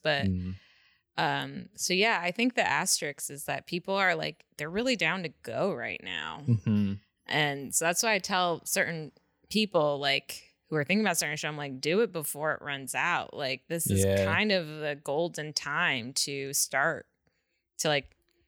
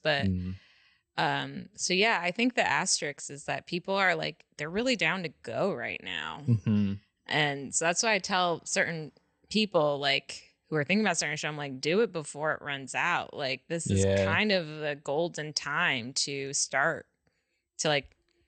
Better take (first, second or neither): first